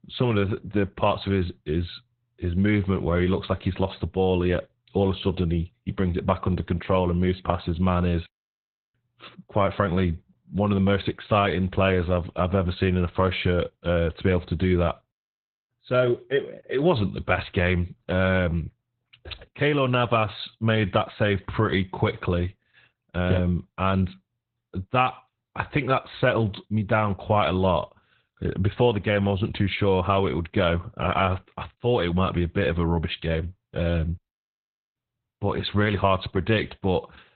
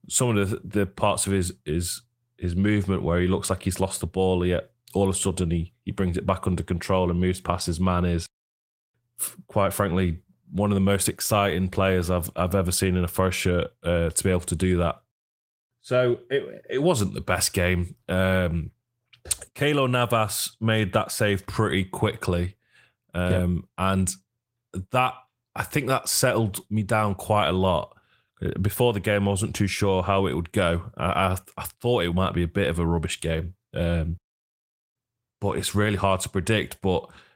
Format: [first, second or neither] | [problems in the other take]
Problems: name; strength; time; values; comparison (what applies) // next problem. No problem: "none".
second | garbled, watery; badly; nothing above 4 kHz; slightly in the second